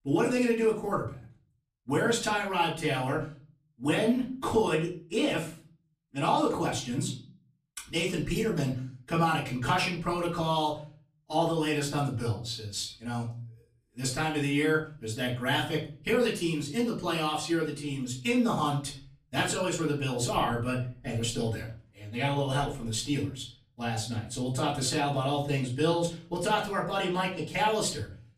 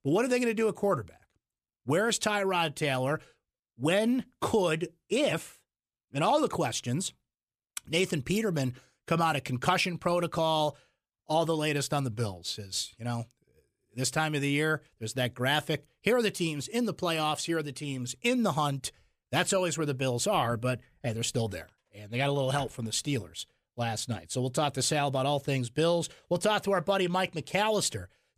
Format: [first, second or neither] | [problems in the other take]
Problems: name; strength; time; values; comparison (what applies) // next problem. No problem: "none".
second | off-mic speech; far // room echo; slight; dies away in 0.4 s